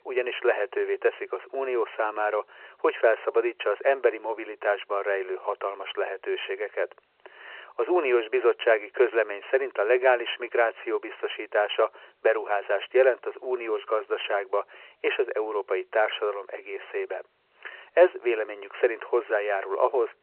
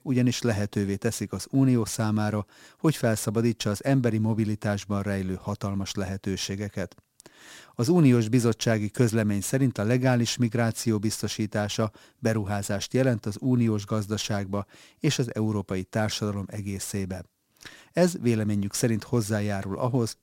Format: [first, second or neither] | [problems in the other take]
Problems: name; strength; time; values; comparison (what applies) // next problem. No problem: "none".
second | phone-call audio